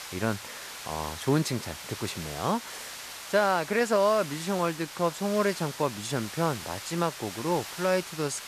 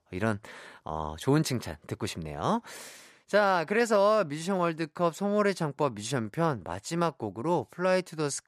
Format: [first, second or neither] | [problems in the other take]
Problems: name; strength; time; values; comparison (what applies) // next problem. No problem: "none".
second | hiss; loud; throughout; 10 dB below the speech